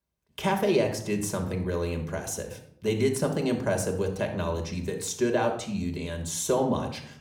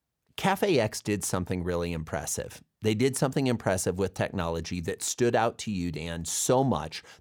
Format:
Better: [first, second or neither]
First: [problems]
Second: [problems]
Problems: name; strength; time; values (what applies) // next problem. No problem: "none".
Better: second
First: room echo; slight; dies away in 0.5 s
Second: none